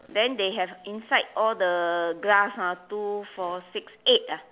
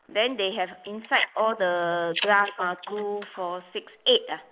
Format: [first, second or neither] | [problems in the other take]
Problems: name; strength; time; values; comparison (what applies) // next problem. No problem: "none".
first | noise reduction (neural mask model Resemble Enhance denoiser)